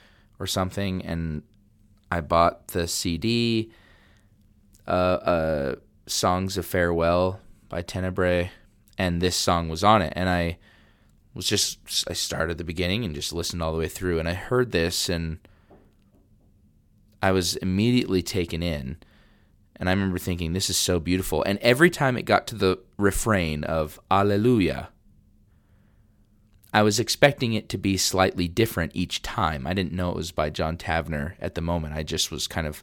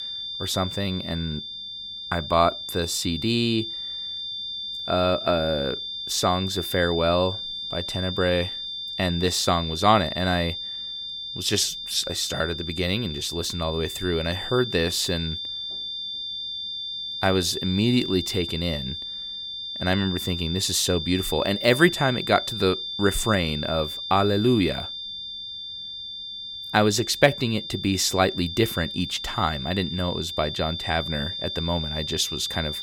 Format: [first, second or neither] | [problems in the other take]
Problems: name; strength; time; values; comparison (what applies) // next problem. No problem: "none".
first | high-pitched whine; loud; throughout; 3.5 kHz, 6 dB below the speech